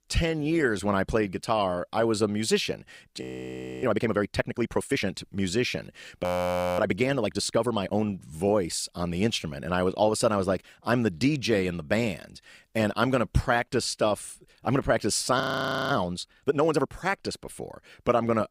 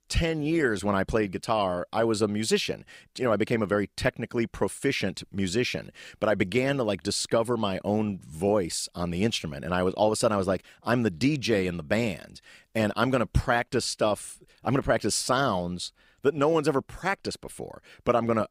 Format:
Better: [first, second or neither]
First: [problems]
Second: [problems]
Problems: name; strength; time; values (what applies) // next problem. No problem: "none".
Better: second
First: audio freezing; at 3 s for 0.5 s, at 6 s for 0.5 s and at 15 s for 0.5 s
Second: none